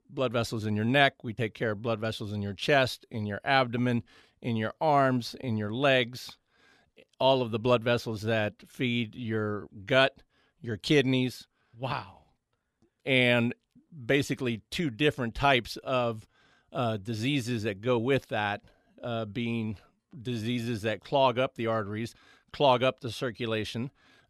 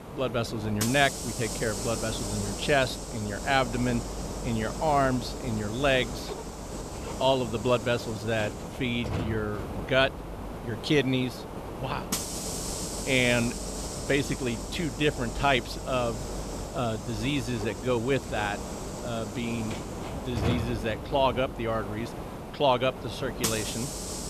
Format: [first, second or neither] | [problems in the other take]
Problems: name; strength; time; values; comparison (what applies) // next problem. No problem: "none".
first | hiss; loud; throughout; 7 dB below the speech